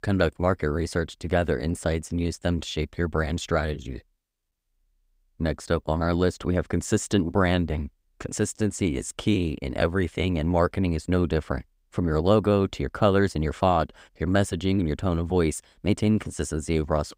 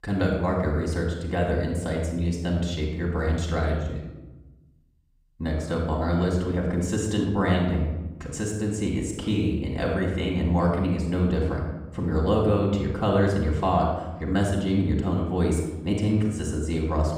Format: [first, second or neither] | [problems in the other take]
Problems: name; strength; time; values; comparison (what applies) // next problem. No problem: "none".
first | off-mic speech; somewhat distant // room echo; noticeable; dies away in 0.9 s